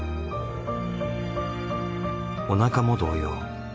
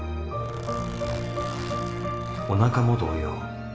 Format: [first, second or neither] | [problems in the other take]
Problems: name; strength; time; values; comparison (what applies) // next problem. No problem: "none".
first | background sound (Zipper (clothing)); 14 dB below the speech // room echo; dies away in 0.6 s